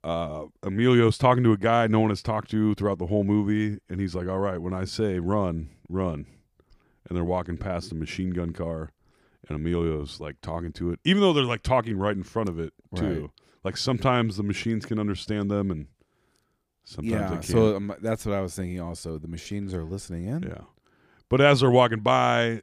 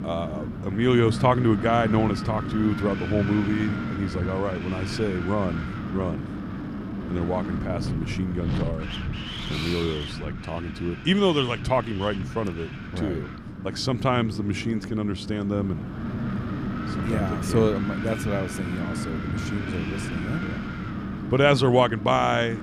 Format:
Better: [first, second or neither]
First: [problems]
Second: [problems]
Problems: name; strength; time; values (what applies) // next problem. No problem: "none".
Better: first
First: none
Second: wind noise on the microphone; heavy; 9 dB below the speech